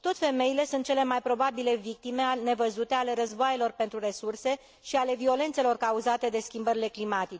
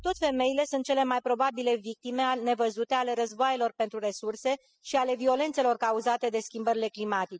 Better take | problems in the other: first | noise reduction (classical method spectral subtraction)

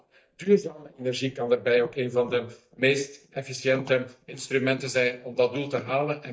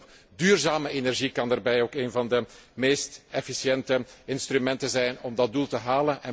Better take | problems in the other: second | noise reduction (neural mask model DeepFilterNet 3)

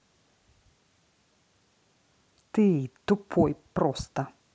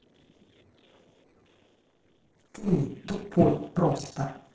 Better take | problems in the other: first | noise reduction (neural separator model SepFormer DNS4)

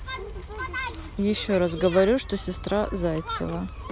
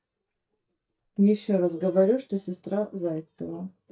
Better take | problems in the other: first | noise reduction (neural mask model DeepFilterNet 3)

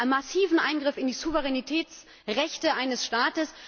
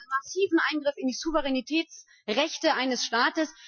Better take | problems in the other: first | noise reduction (classical method Wiener filter)

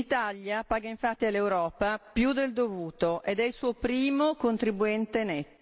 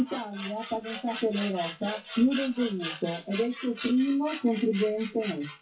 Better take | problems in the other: first | noise reduction (classical method WPE with log-MMSE)

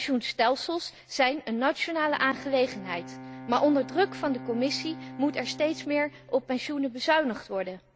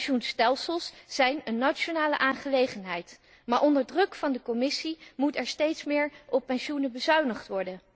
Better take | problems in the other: second | background sound (Bowed string instrument); 16 dB below the speech

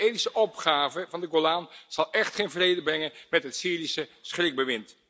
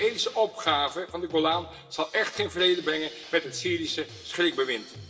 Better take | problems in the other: first | background sound (Drum kit); 18 dB below the speech // room echo; dies away in 1.4 s

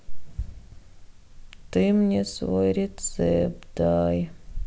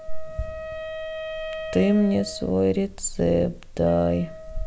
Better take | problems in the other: first | background sound (Wind instrument, woodwind instrument); 12 dB below the speech

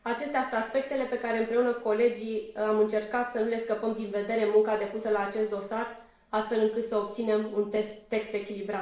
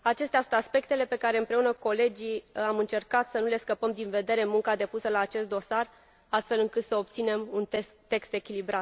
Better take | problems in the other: second | room echo; dies away in 0.6 s

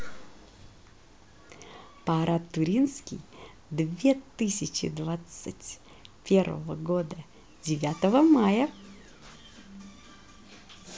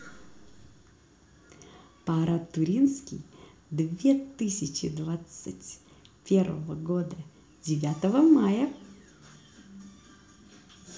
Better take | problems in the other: first | room echo; dies away in 0.4 s

